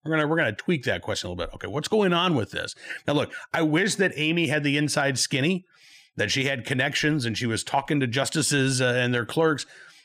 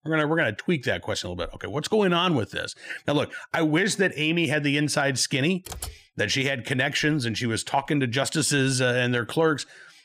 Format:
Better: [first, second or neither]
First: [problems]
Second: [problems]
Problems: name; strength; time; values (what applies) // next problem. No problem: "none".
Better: first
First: none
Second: keyboard typing; faint; at 5.5 s; peak 10 dB below the speech